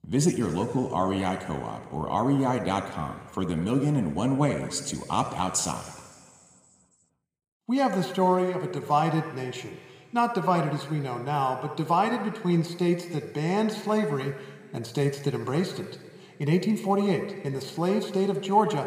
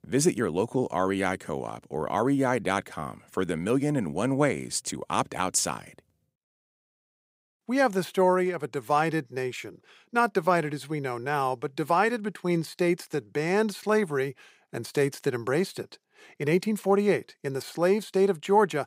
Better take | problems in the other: second | room echo; slight; dies away in 2 s

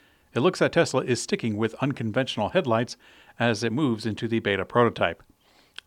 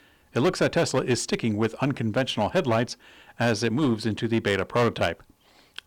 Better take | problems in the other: first | distortion; slight; 8% of the sound clipped

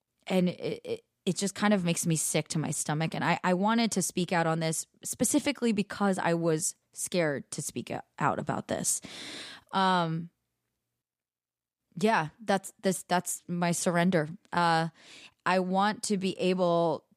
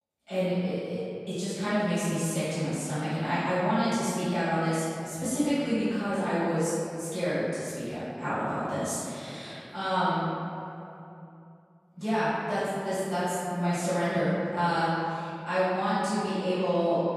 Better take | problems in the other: first | off-mic speech; far // room echo; strong; dies away in 2.6 s

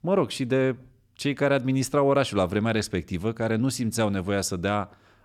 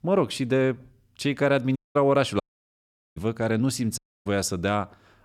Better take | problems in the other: first | audio cutting out; at 2 s, at 2.5 s for 1 s and at 4 s

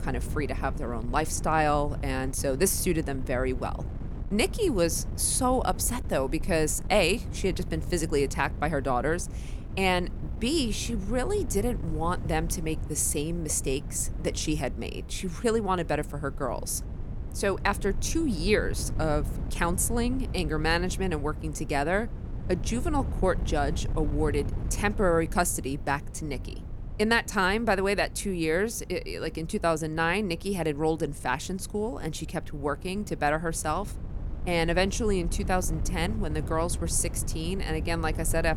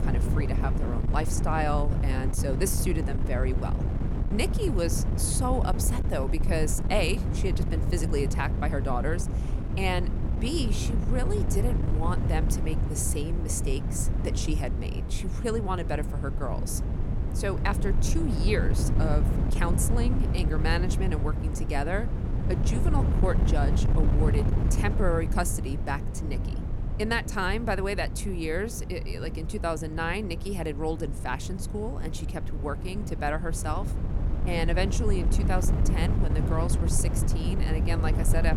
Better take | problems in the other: first | wind noise on the microphone; heavy; 7 dB below the speech; occasional gusts in the first

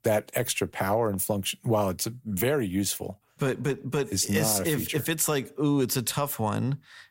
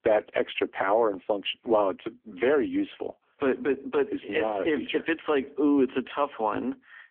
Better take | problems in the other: first | phone-call audio; poor line; nothing above 3.5 kHz

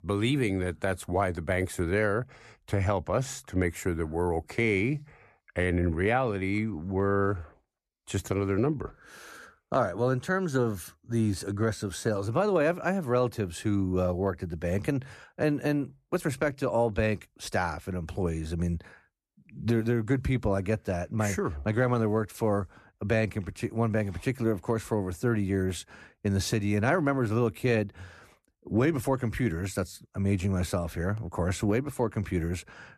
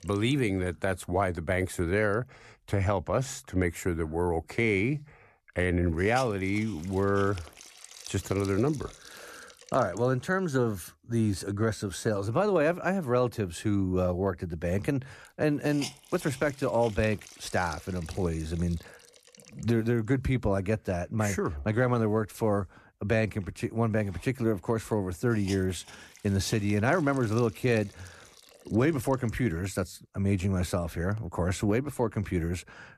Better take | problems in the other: first | hiss; noticeable; throughout; 20 dB below the speech

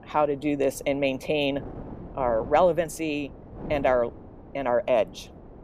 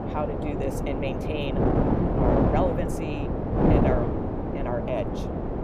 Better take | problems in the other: first | wind noise on the microphone; heavy; 2 dB above the speech; occasional gusts in the first

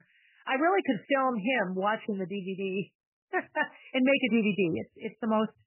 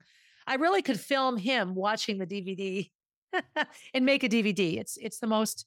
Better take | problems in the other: second | garbled, watery; badly; nothing above 3 kHz

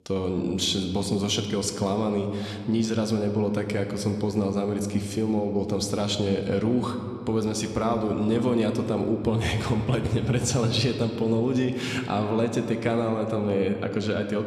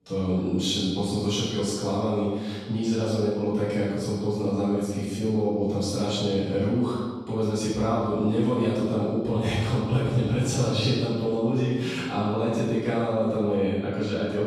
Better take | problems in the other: first | room echo; strong; dies away in 1.2 s; slight in the first // off-mic speech; far

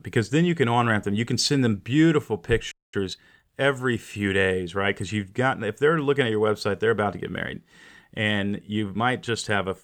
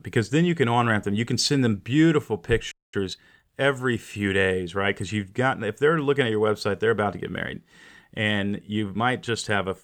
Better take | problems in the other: neither | audio freezing; at 2.5 s; the same in both

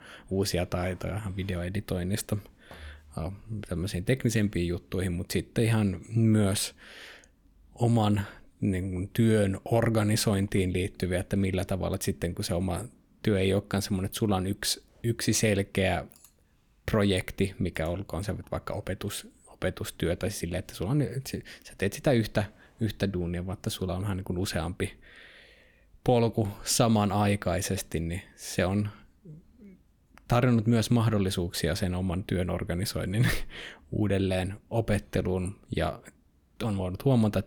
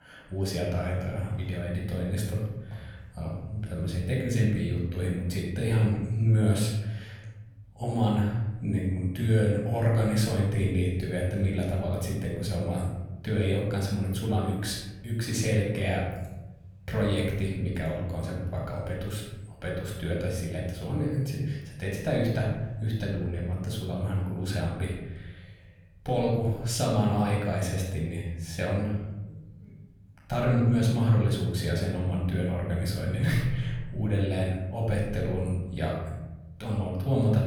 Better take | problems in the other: first | off-mic speech; far // room echo; noticeable; dies away in 1.5 s

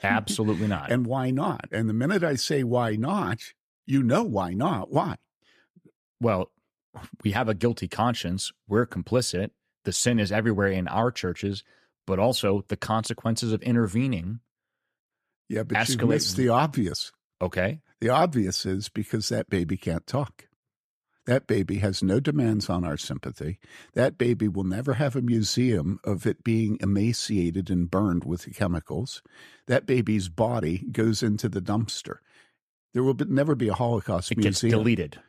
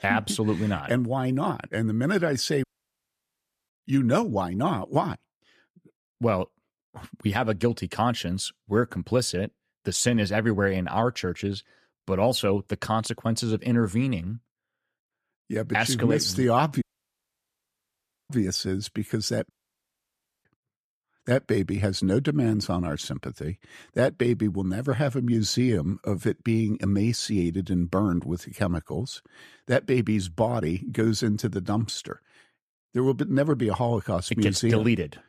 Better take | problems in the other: first | audio cutting out; at 2.5 s for 1 s, at 17 s for 1.5 s and at 20 s for 1 s

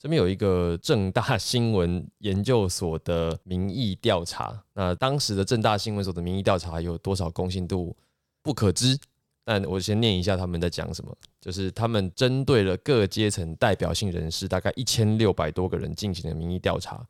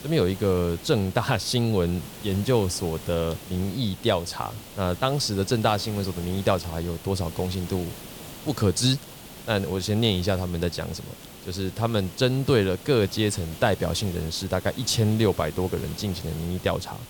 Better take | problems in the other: first | hiss; noticeable; throughout; 15 dB below the speech

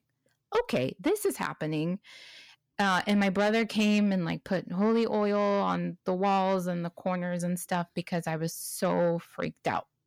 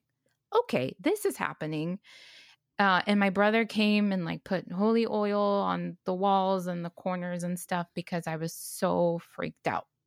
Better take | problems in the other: second | distortion; slight; 10 dB below the speech

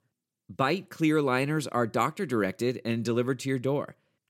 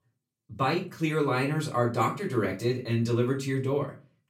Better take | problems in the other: first | off-mic speech; far // room echo; very slight; dies away in 0.3 s

